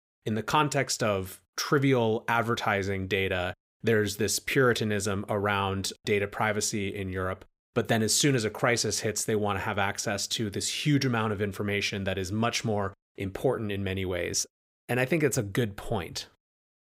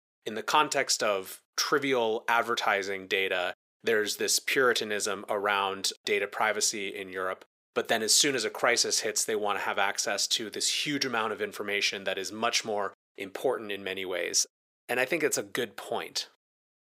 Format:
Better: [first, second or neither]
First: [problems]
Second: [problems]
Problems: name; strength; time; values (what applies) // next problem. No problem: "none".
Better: first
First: none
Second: thin; somewhat; fading below 400 Hz